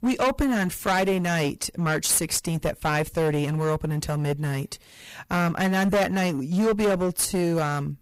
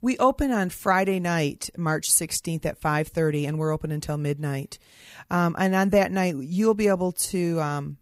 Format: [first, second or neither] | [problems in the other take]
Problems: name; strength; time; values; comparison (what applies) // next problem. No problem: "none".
second | distortion; heavy; 16% of the sound clipped